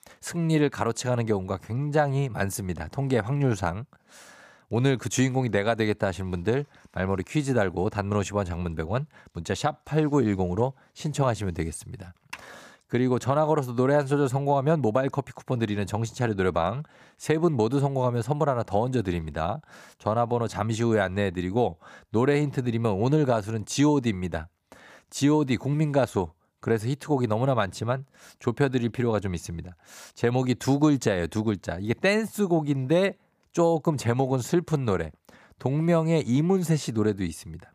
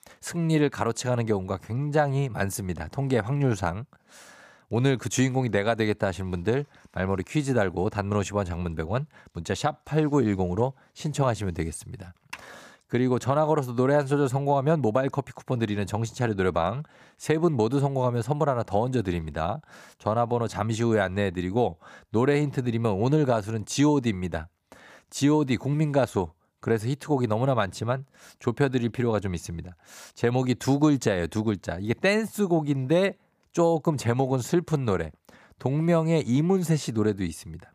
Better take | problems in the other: neither | none

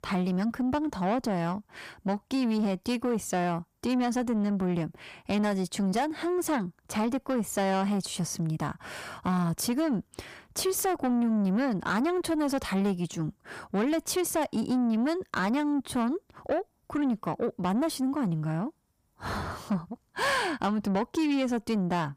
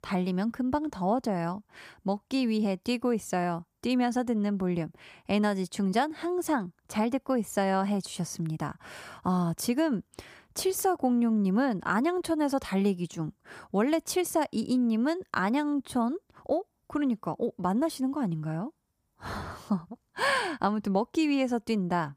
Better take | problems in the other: second | distortion; slight; 10 dB below the speech

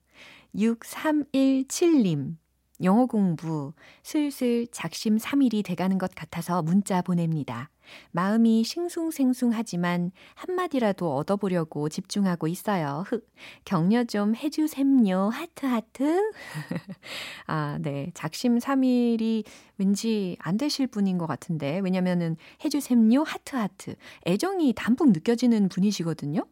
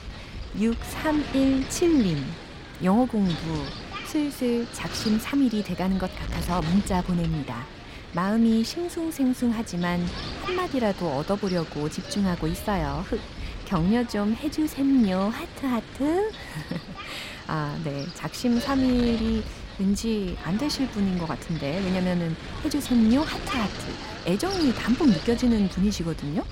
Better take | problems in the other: first | wind noise on the microphone; heavy; 8 dB below the speech

